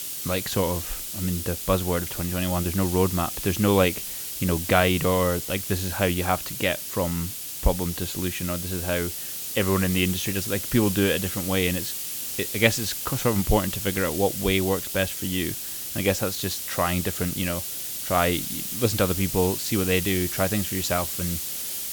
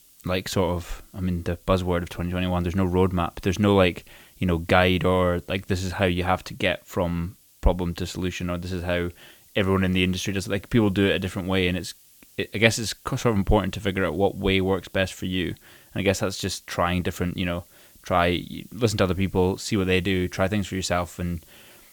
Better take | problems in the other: second | hiss; loud; throughout; 4 dB below the speech; faint in the second

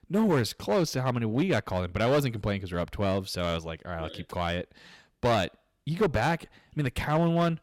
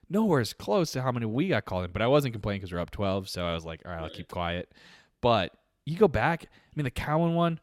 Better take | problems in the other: second | distortion; slight; 6% of the sound clipped

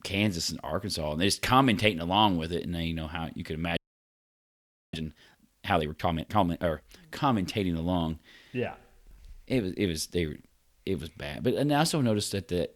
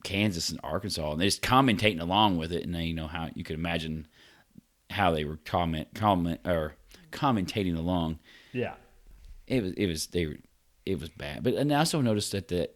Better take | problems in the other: second | audio freezing; at 4 s for 1 s

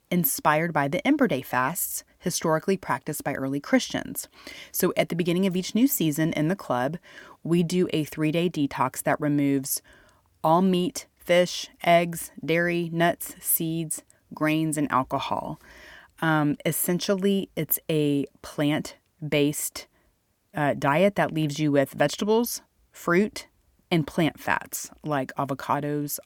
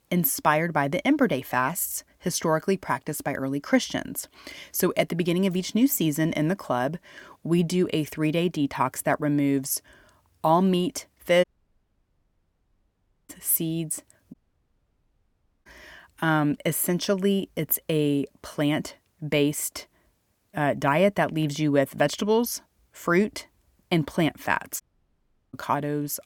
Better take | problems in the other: first | audio cutting out; at 11 s for 2 s, at 14 s for 1.5 s and at 25 s for 0.5 s

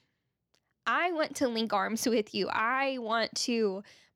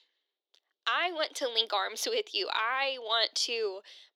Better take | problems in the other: first | thin; very; fading below 350 Hz

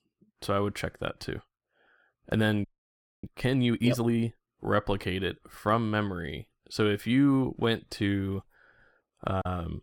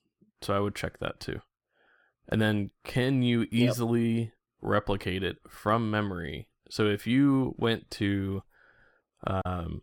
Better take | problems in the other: second | audio freezing; at 2.5 s for 0.5 s

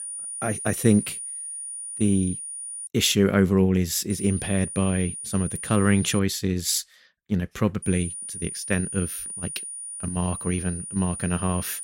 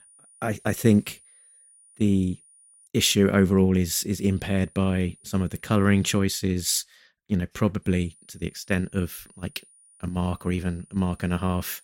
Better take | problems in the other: second | high-pitched whine; loud; until 3 s, from 4 to 6 s and from 8 s on; 9.5 kHz, 8 dB below the speech; faint in the second

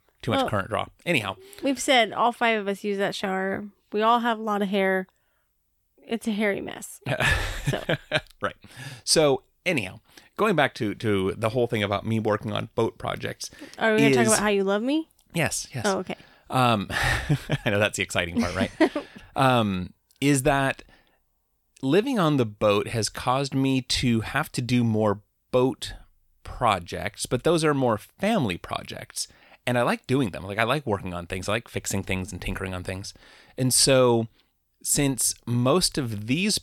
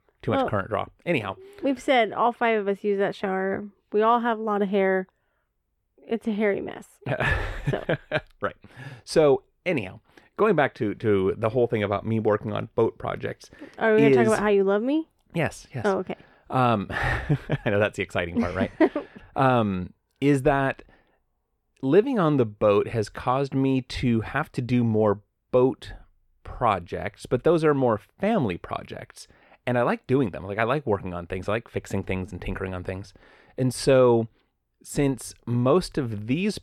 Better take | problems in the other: first | muffled; slightly; fading above 3 kHz

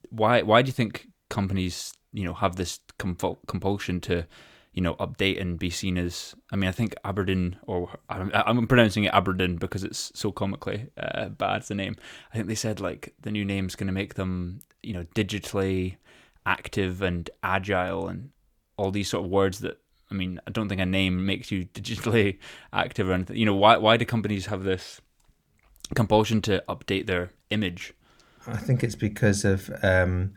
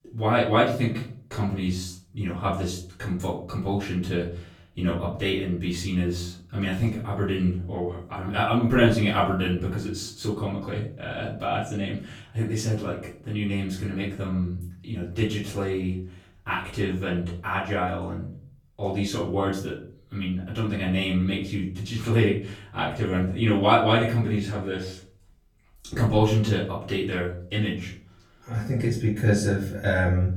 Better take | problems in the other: first | off-mic speech; far // room echo; noticeable; dies away in 0.5 s

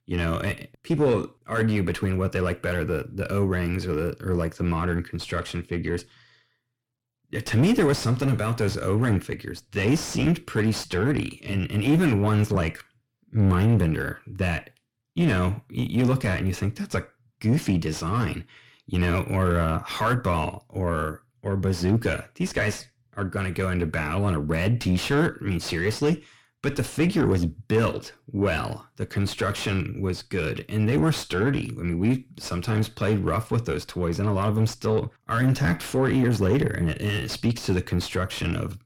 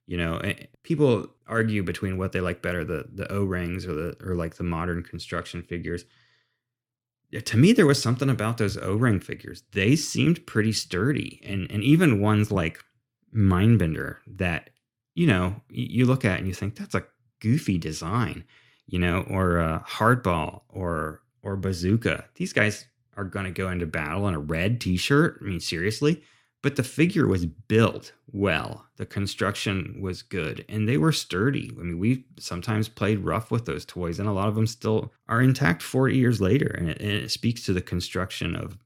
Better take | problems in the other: second | distortion; heavy; 6 dB below the speech

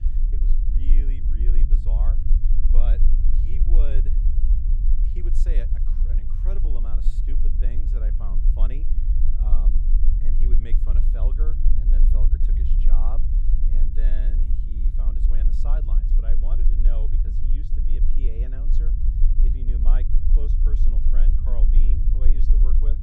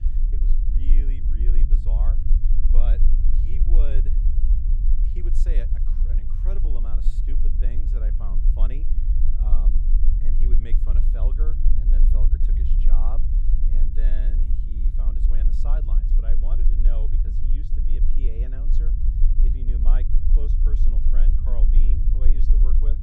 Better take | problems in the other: neither | low rumble; loud; throughout; 1 dB below the speech; the same in both

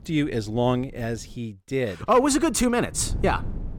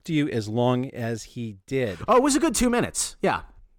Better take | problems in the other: second | wind noise on the microphone; occasional gusts; until 1.5 s and from 2 s on; 25 dB below the speech

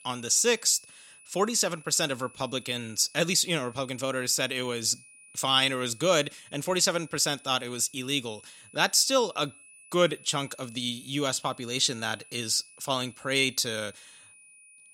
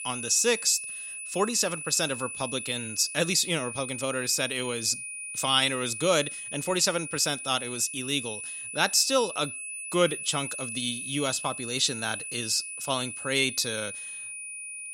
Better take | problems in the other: first | high-pitched whine; loud; throughout; 10 kHz, 8 dB below the speech; faint in the first

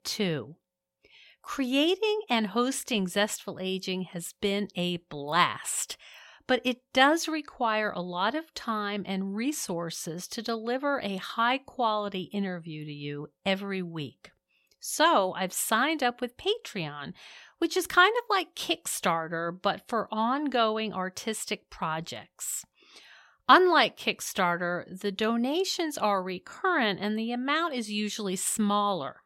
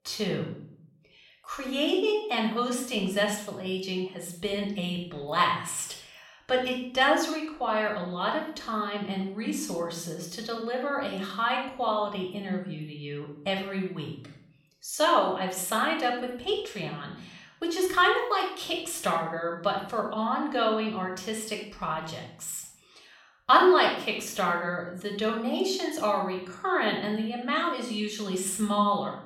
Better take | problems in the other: first | room echo; noticeable; dies away in 0.6 s // off-mic speech; somewhat distant

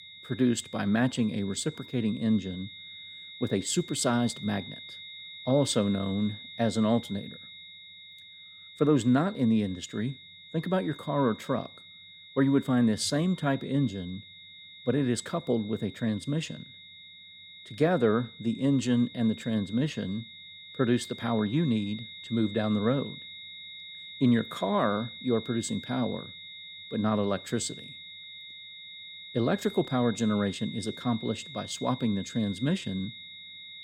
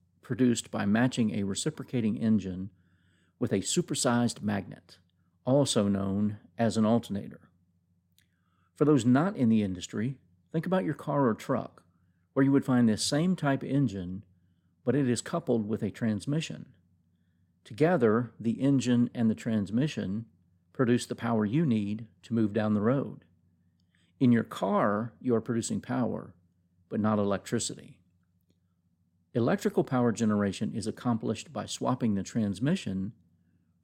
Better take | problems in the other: second | high-pitched whine; noticeable; throughout; 4 kHz, 15 dB below the speech

